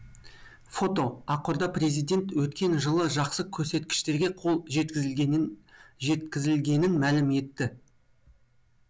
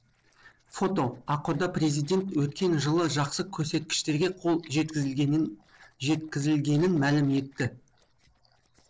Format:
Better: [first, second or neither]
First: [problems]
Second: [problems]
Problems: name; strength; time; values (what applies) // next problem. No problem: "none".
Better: first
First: none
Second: noise reduction (neural separator model SepFormer DNS4)